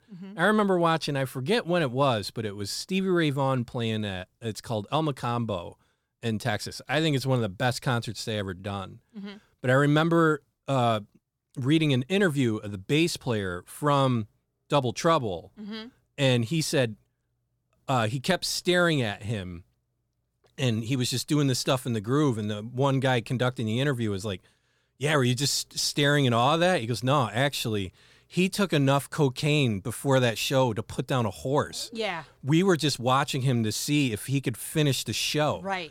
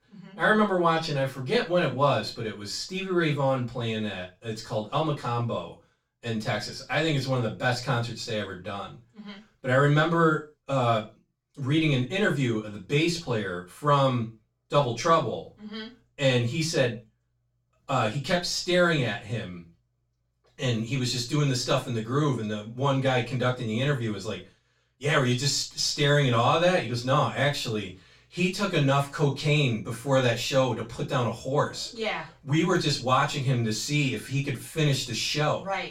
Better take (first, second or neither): first